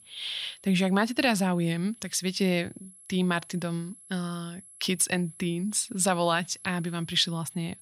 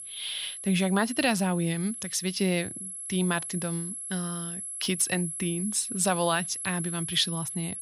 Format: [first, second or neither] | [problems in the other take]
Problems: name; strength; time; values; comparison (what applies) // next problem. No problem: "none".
first | high-pitched whine; loud; throughout; 11 kHz, 6 dB below the speech; faint in the first